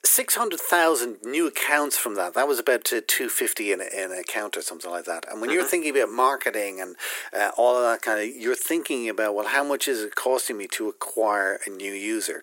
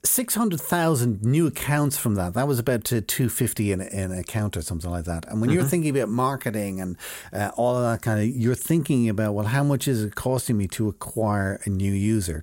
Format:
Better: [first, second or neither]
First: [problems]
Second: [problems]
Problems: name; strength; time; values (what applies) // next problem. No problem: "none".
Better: second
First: thin; very; fading below 350 Hz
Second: none